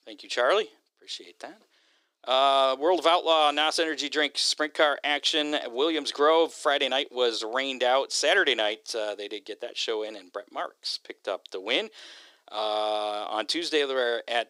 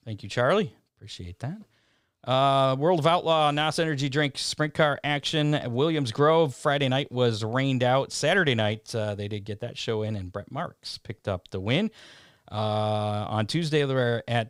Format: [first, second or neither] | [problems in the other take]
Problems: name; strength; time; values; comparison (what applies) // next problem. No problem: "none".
second | thin; very; fading below 300 Hz